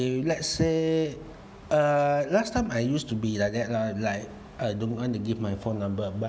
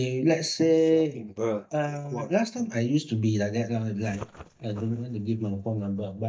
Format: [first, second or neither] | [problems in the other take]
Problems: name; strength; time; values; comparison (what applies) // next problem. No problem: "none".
first | noise reduction (neural mask model DeepFilterNet 3)